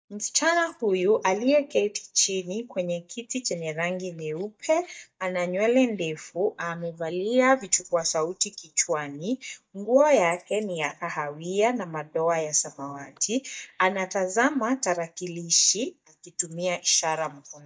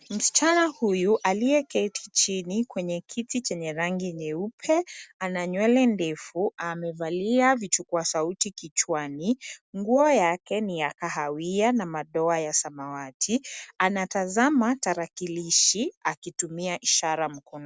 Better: second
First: noise reduction (neural mask model DeepFilterNet 3)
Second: none

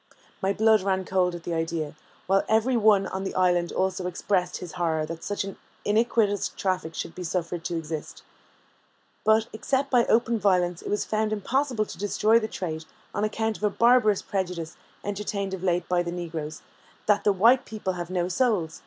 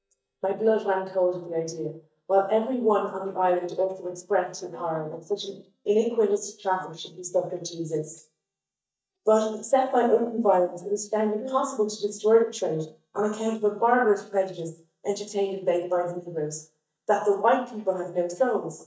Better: first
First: none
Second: noise reduction (neural mask model DeepFilterNet 3)

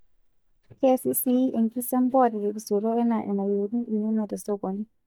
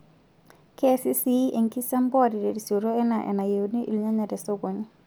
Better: second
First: noise reduction (neural mask model DeepFilterNet 3)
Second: none

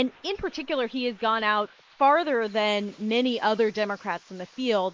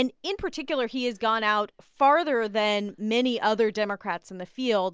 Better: second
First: noise reduction (neural mask model Resemble Enhance denoiser)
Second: none

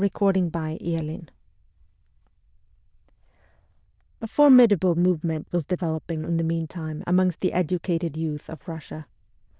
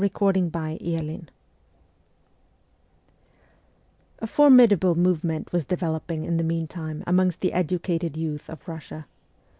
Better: second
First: noise reduction (neural diffusion model UNIVERSE++)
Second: none

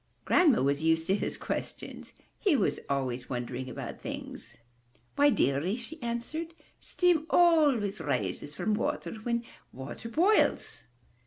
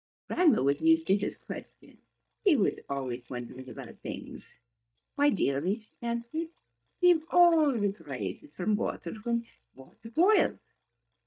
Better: first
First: none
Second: noise reduction (neural mask model DeepFilterNet 3)

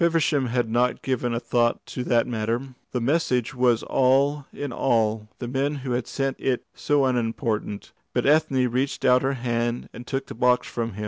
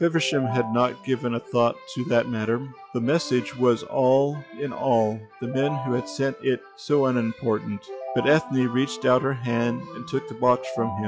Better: first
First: none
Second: noise reduction (classical method log-MMSE)

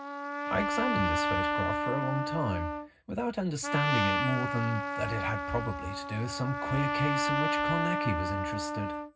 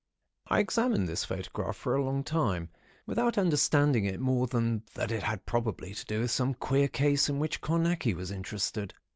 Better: second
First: background sound (Trumpet); 1 dB above the speech // room echo; dies away in 0.4 s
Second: none

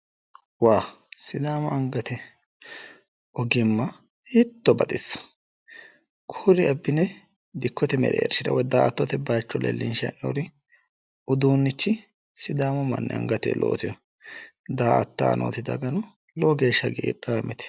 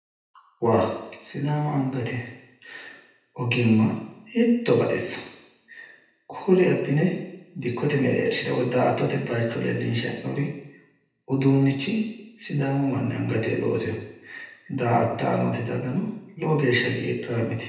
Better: first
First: none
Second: room echo; dies away in 0.9 s

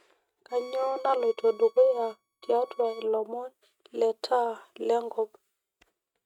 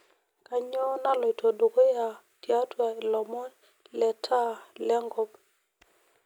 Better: second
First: noise reduction (neural mask model RNNoise)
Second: none

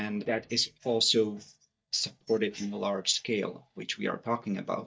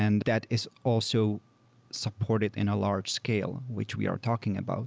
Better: second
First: noise reduction (neural mask model DeepFilterNet 3)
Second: none

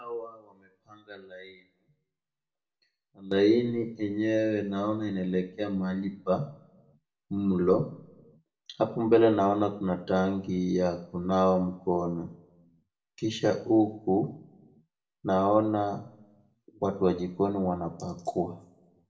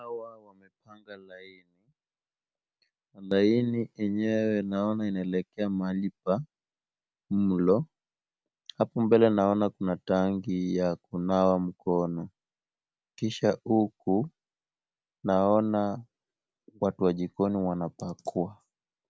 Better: second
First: room echo; dies away in 0.5 s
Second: none

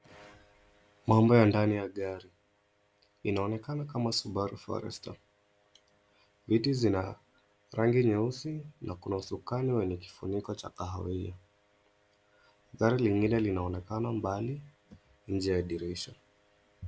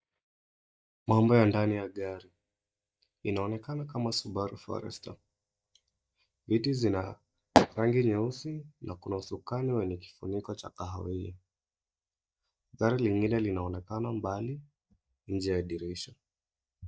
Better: first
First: none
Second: noise reduction (neural mask model DeepFilterNet 3)

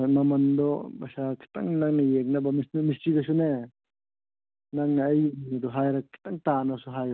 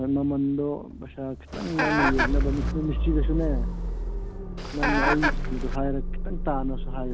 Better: first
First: none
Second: background sound (Chicken, rooster + Idling / Engine starting / Motor vehicle (road)); 2 dB above the speech

